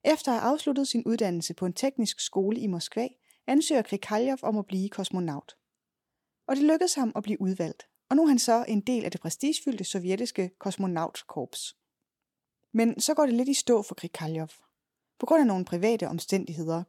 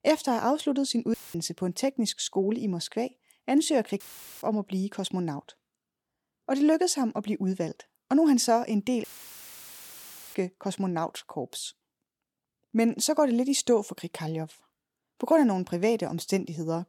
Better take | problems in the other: first | audio cutting out; filled with static; at 1 s, at 4 s and at 9 s for 1.5 s

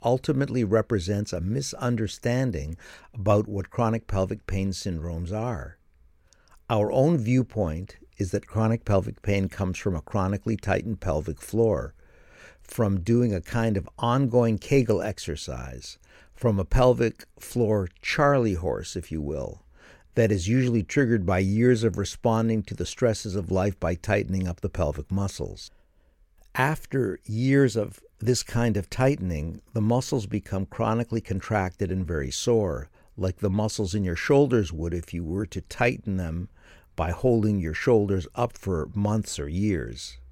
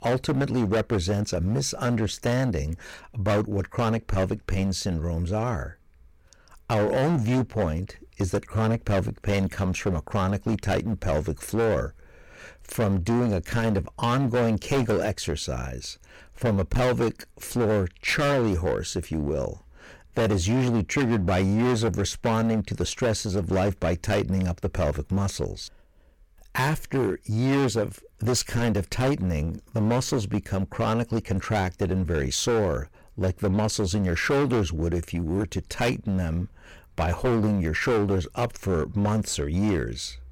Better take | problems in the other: first | distortion; heavy; 15% of the sound clipped

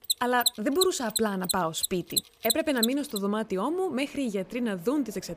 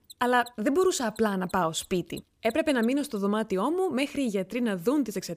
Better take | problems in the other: second | machinery noise; loud; throughout; 1 dB below the speech; faint in the second

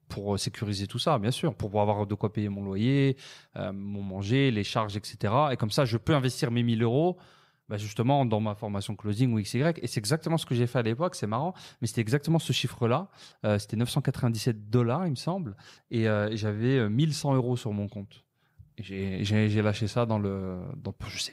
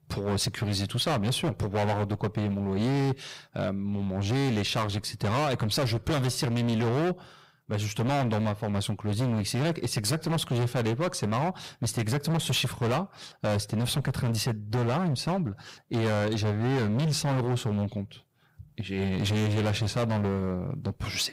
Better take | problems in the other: first | distortion; heavy; 23% of the sound clipped

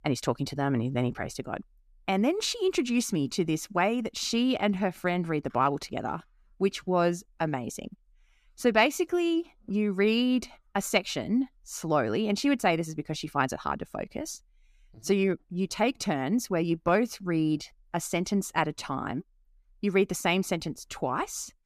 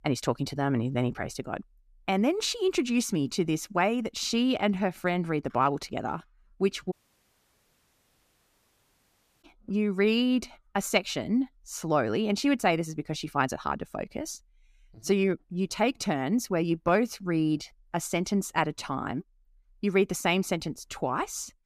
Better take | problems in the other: first | audio cutting out; at 7 s for 2.5 s

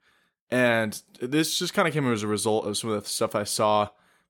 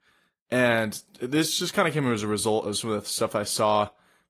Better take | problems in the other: first | garbled, watery; slightly

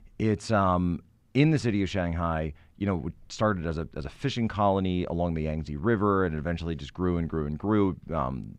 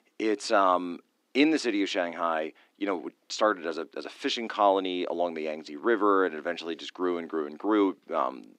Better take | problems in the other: first | thin; somewhat; fading below 300 Hz

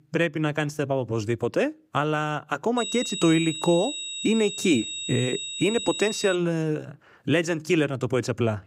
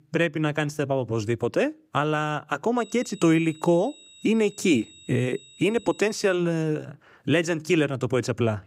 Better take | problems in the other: second | high-pitched whine; loud; from 3 to 6.5 s; 4 kHz, 6 dB below the speech; faint in the second

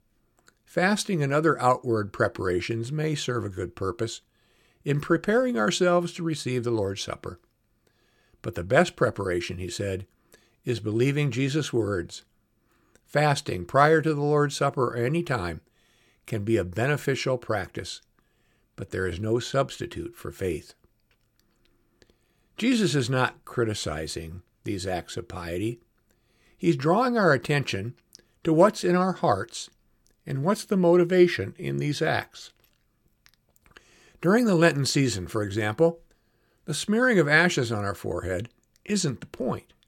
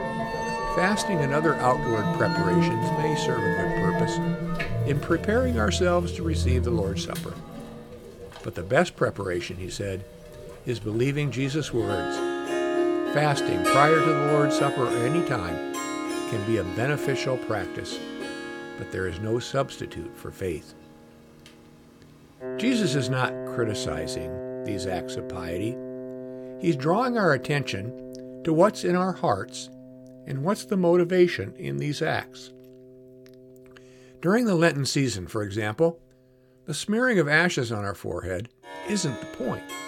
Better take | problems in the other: first | background music; loud; throughout; 3 dB below the speech

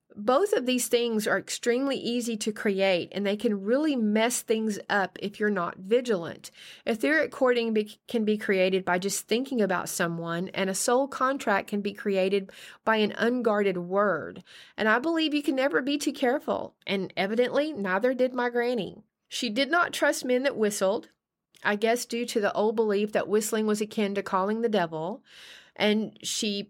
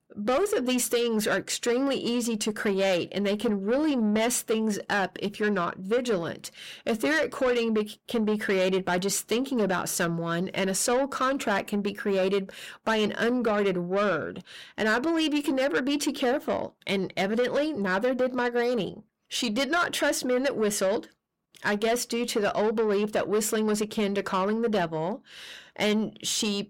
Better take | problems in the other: first | distortion; slight; 10 dB below the speech

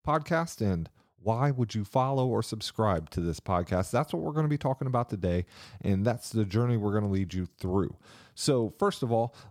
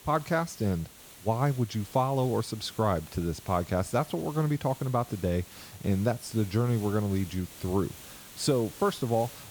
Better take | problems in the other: first | hiss; noticeable; throughout; 15 dB below the speech

